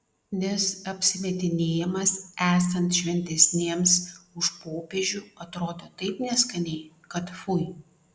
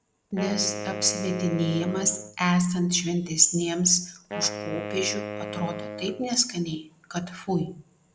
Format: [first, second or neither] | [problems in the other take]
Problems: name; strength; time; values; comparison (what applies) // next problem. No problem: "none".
first | background sound (Wind instrument, woodwind instrument); 10 dB below the speech